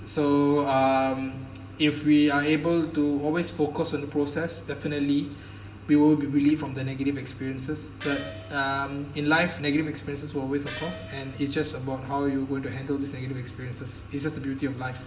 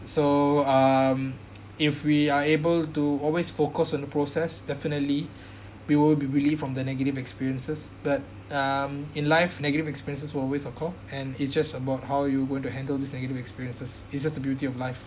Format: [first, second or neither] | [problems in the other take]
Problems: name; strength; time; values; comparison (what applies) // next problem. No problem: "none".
second | background sound (Gong); 16 dB below the speech // room echo; dies away in 2.9 s